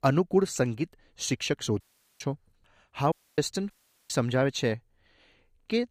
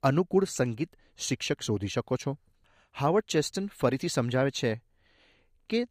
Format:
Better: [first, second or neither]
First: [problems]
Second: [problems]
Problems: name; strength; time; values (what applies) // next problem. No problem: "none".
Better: second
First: audio cutting out; at 2 s, at 3 s and at 3.5 s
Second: none